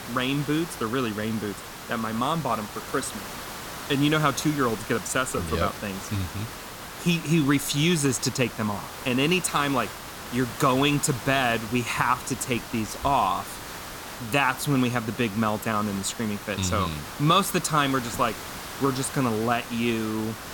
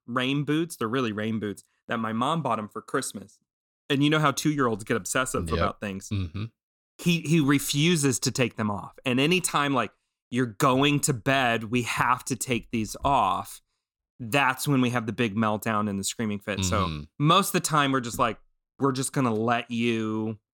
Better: second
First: hiss; noticeable; throughout; 10 dB below the speech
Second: none

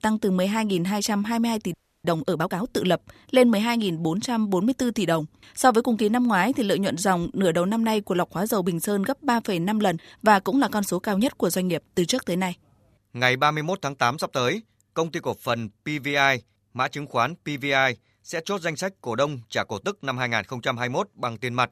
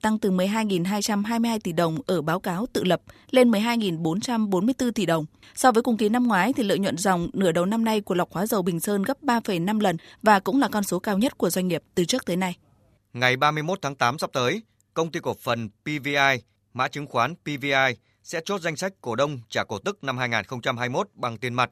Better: second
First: audio freezing; at 1.5 s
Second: none

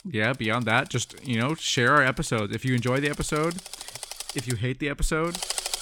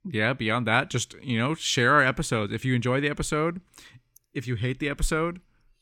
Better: second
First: machinery noise; noticeable; throughout; 10 dB below the speech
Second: none

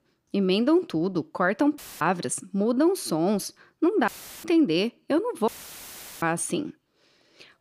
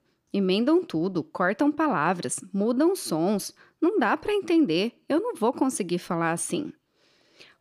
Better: second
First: audio cutting out; filled with static; at 2 s, at 4 s and at 5.5 s for 0.5 s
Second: none

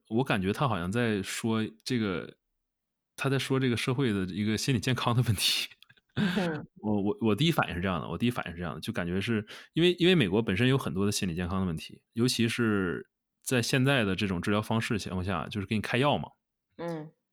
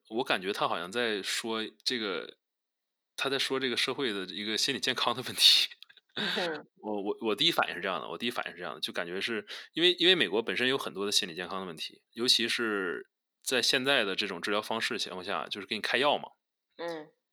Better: first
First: none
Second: thin; somewhat; fading below 450 Hz

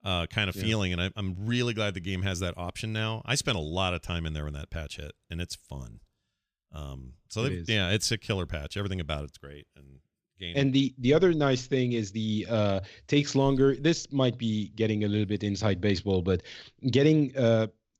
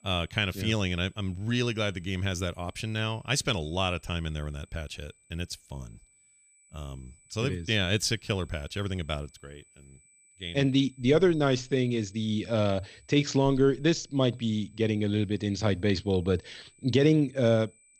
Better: first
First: none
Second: high-pitched whine; faint; throughout; 8 kHz, 30 dB below the speech

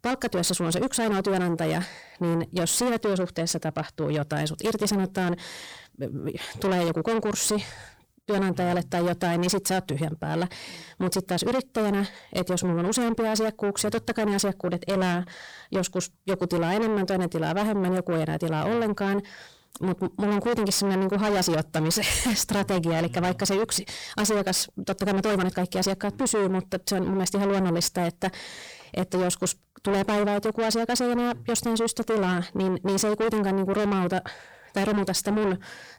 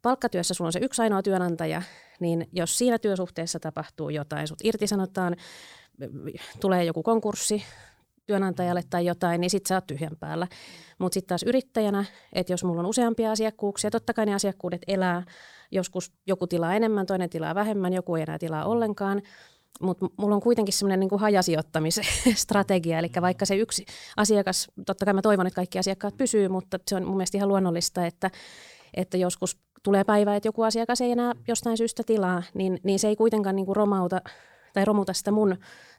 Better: second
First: distortion; heavy; 6 dB below the speech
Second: none

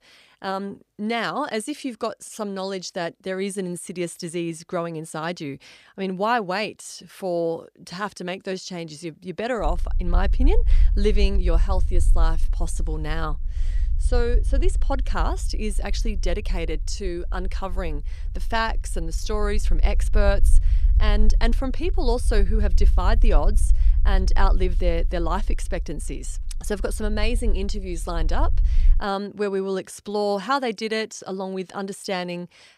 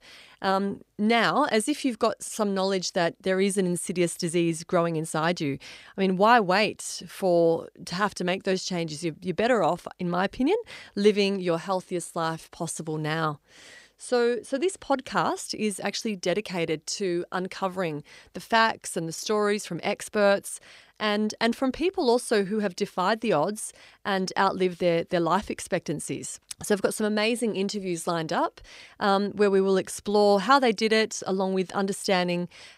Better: second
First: low rumble; faint; from 9.5 to 29 s; 20 dB below the speech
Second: none

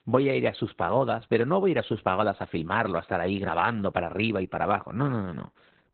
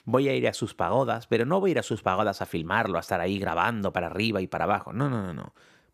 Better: second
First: garbled, watery; badly; nothing above 4 kHz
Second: none

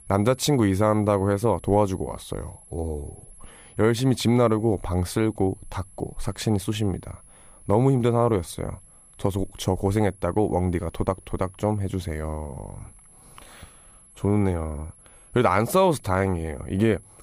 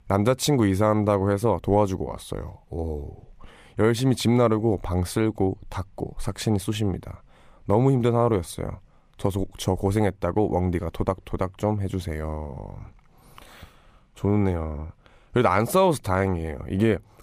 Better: second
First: high-pitched whine; faint; throughout; 11 kHz, 25 dB below the speech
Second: none

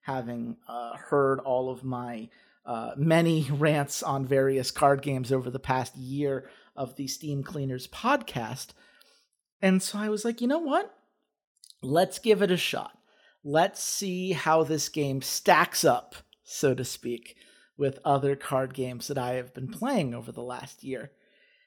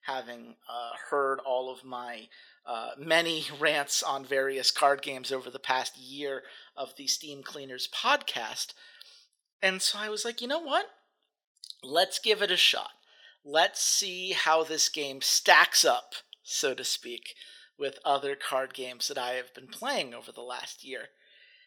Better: first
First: none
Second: thin; very; fading below 500 Hz

